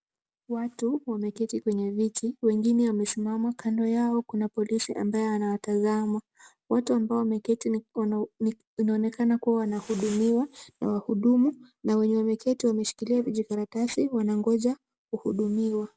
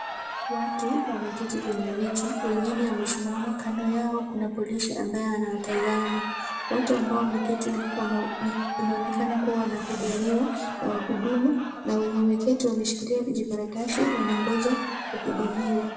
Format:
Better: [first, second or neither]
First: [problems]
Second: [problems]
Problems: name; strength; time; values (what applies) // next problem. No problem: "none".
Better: first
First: none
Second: background sound (Crowd); 8 dB below the speech // room echo; dies away in 0.7 s